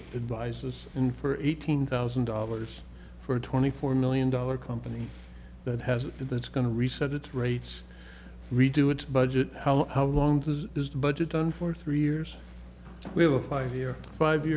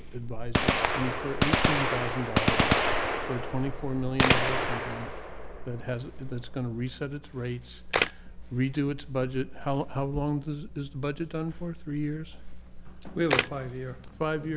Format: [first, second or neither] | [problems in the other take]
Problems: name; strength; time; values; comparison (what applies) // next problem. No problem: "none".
first | background sound (Gunshot, gunfire + Camera); 2 dB above the speech